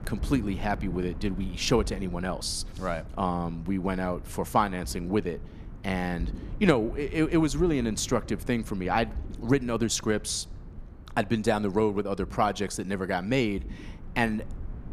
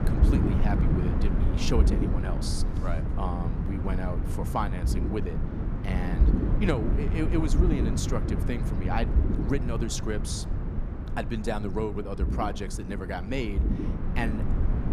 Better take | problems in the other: first | low rumble; loud; throughout; 4 dB below the speech; faint in the first

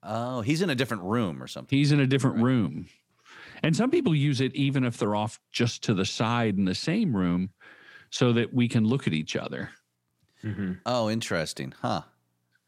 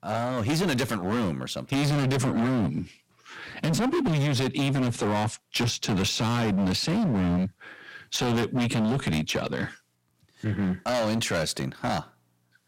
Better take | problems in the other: first | distortion; heavy; 24% of the sound clipped

